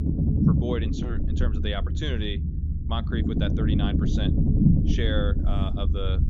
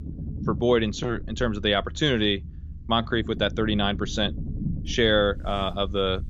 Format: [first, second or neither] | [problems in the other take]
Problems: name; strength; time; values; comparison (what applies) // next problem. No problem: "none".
second | low rumble; loud; throughout; 1 dB below the speech; faint in the second